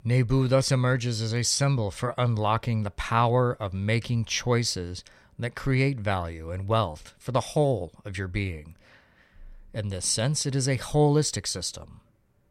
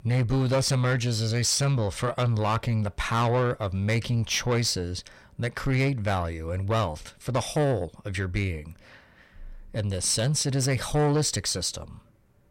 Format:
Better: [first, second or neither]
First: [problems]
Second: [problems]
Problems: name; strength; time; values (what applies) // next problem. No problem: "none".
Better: first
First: none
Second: distortion; slight; 10 dB below the speech